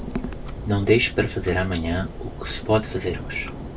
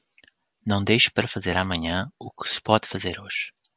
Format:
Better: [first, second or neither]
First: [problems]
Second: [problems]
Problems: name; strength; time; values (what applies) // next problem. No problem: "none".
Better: second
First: background sound (Clock); 8 dB below the speech // room echo; dies away in 0.2 s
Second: none